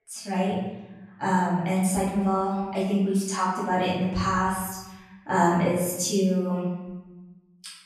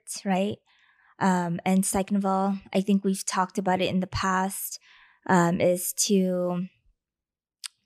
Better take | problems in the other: second | room echo; noticeable; dies away in 1 s // off-mic speech; far

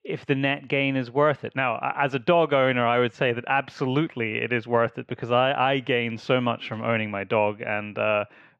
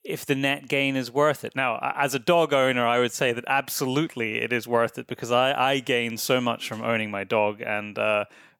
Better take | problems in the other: second | muffled; very; fading above 3 kHz

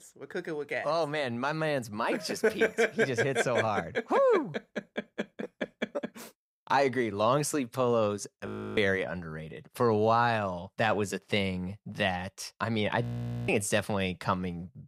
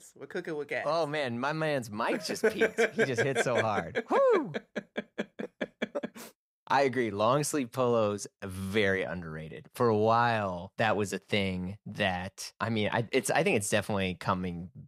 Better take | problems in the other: second | audio freezing; at 8.5 s and at 13 s

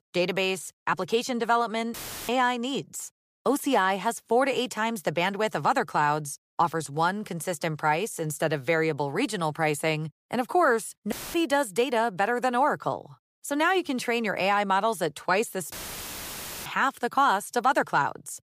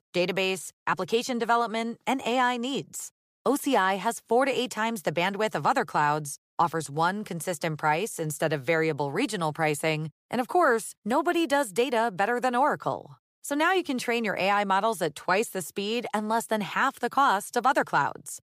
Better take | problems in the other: second | audio cutting out; filled with static; at 2 s, at 11 s and at 16 s for 1 s

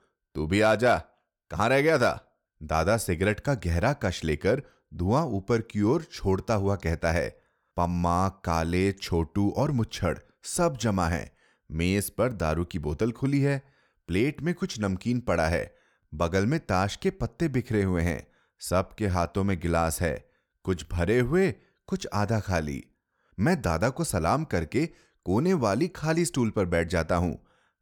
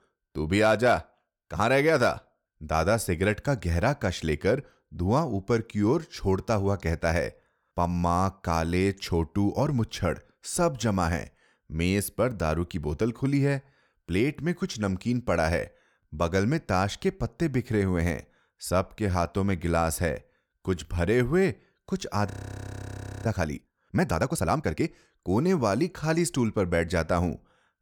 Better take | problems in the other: first | audio freezing; at 22 s for 1 s

